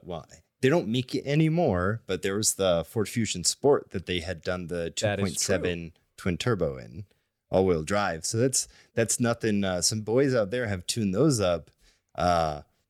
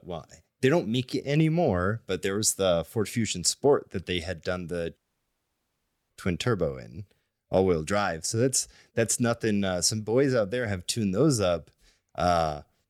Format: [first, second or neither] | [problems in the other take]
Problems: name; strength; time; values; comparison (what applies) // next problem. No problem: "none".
first | audio cutting out; at 5 s for 1 s